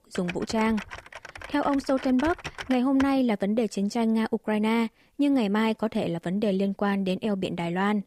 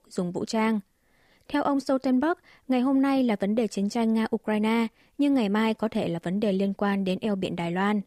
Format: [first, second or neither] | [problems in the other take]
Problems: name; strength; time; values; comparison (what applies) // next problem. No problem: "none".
second | keyboard typing; faint; until 3 s; peak 10 dB below the speech